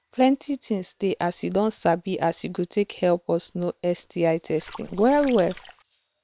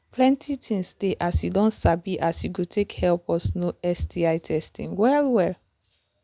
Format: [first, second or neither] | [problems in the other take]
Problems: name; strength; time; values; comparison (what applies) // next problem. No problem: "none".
second | noise reduction (neural separator model SepFormer WHAM!)